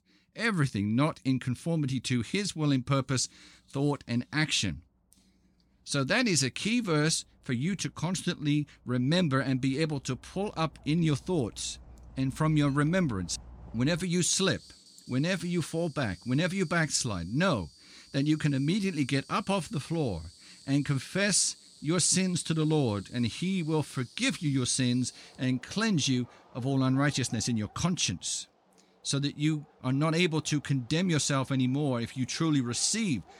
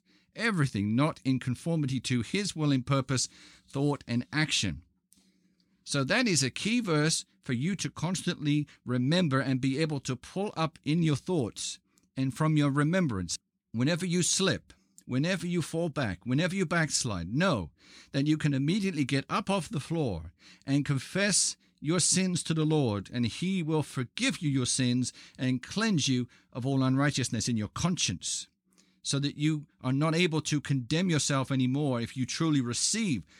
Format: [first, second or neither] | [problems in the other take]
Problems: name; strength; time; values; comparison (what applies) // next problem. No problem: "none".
second | animal sounds; faint; throughout; 25 dB below the speech